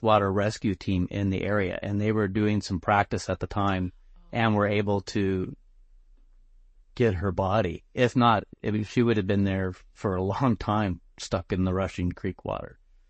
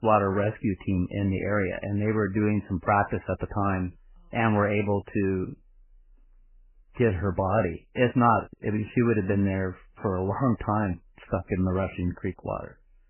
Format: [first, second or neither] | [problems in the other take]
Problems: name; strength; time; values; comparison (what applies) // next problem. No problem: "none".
first | garbled, watery; badly; nothing above 3 kHz; slightly in the first